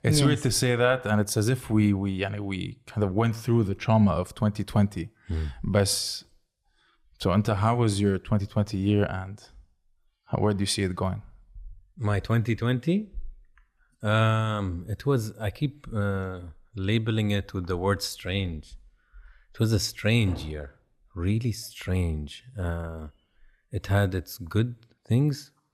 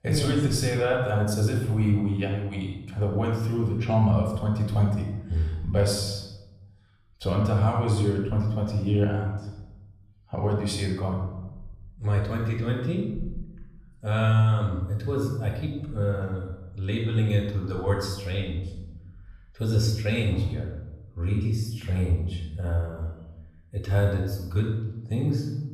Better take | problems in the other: first | off-mic speech; somewhat distant // room echo; noticeable; dies away in 1 s

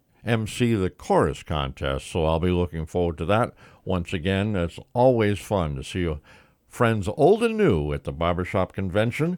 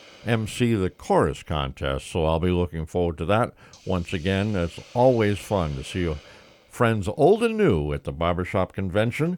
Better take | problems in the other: first | hiss; faint; throughout; 25 dB below the speech

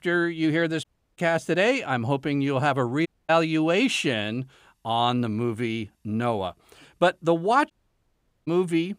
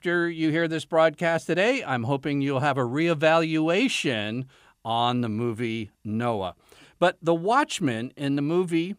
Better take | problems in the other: second | audio cutting out; at 1 s, at 3 s and at 7.5 s for 1 s

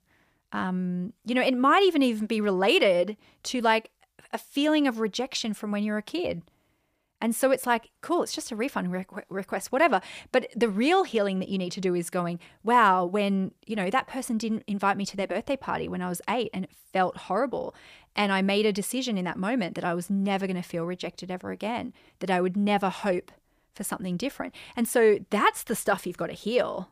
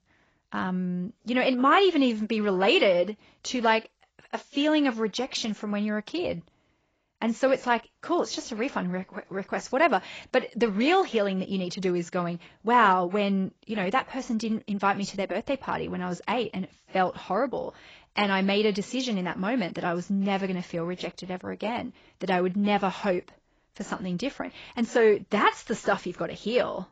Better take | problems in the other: first | garbled, watery; badly; nothing above 7.5 kHz

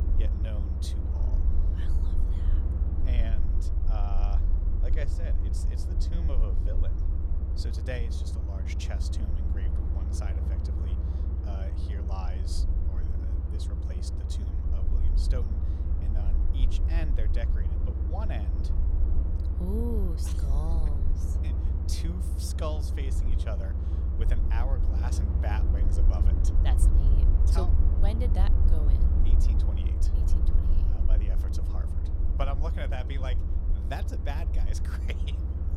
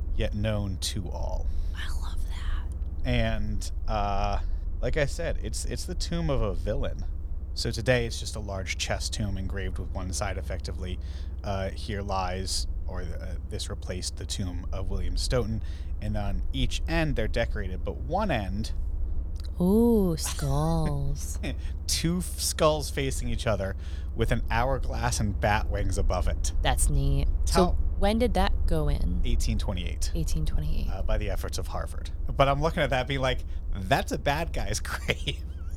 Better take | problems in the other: second | low rumble; loud; throughout; 3 dB below the speech; faint in the second

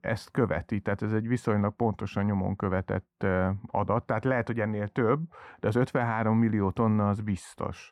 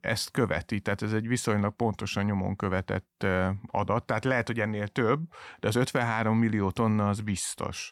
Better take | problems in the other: second | muffled; slightly; fading above 2.5 kHz

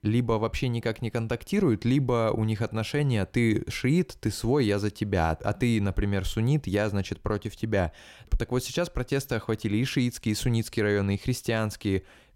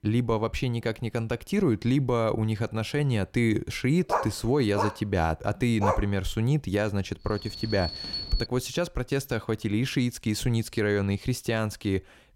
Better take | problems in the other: first | dog barking; noticeable; from 4 to 6 s; peak 1 dB below the speech // alarm; noticeable; from 7.5 to 8.5 s; peak 4 dB below the speech

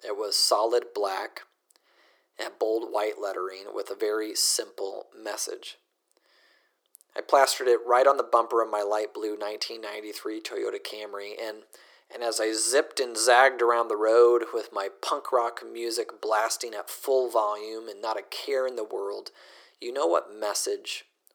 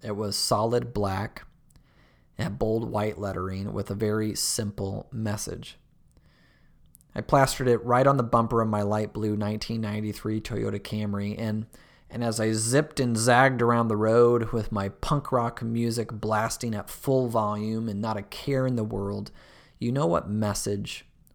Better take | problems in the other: second | thin; very; fading below 350 Hz

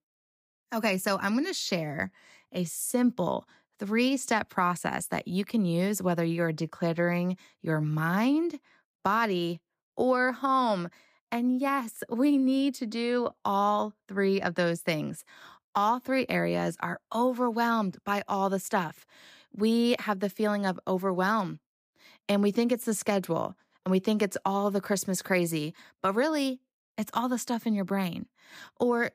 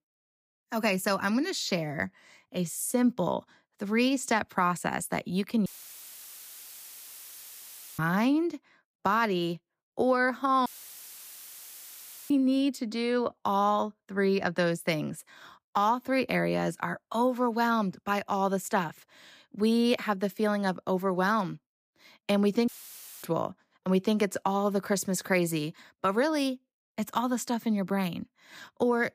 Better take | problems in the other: first | audio cutting out; filled with static; at 5.5 s for 2.5 s, at 11 s for 1.5 s and at 23 s for 0.5 s

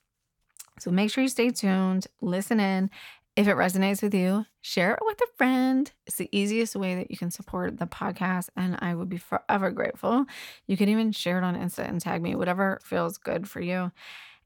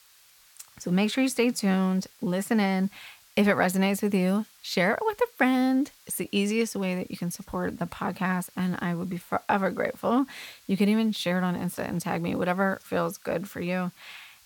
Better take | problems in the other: first | hiss; faint; throughout; 25 dB below the speech

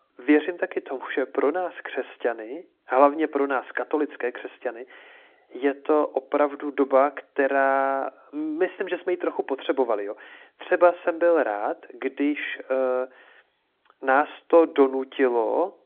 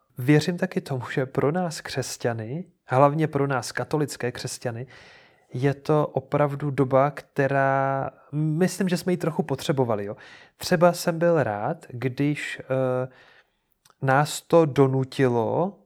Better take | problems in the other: second | phone-call audio; nothing above 3.5 kHz

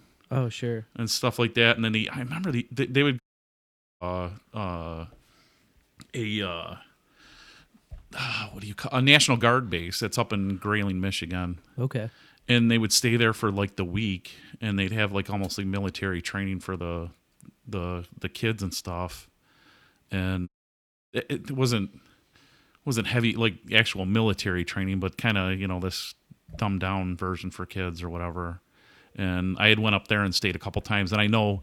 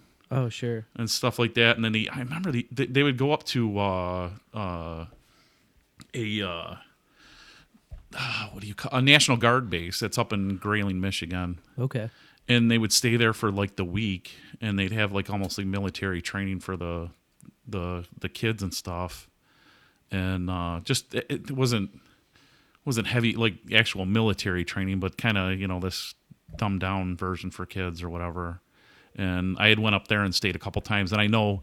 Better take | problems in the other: second | audio cutting out; at 3 s for 1 s and at 20 s for 0.5 s

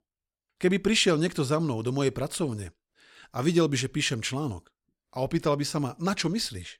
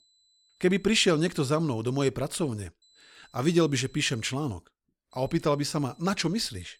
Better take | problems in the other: first | high-pitched whine; faint; until 2 s, from 3 to 4.5 s and from 5 s on; 4 kHz, 30 dB below the speech

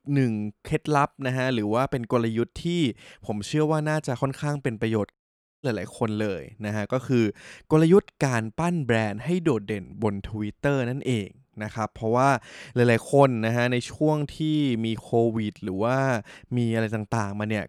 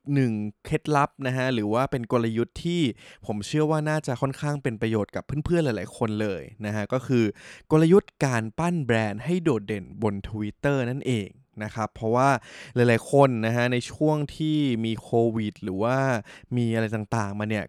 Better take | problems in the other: second | audio cutting out; at 5 s

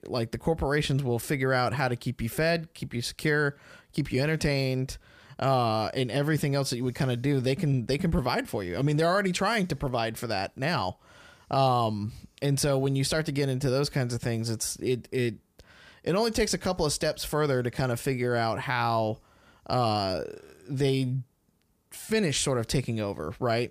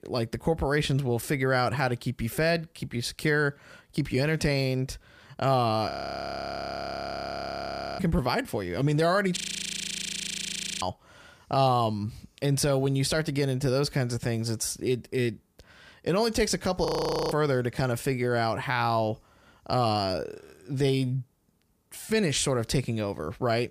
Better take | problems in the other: first | audio freezing; at 6 s for 2 s, at 9.5 s for 1.5 s and at 17 s

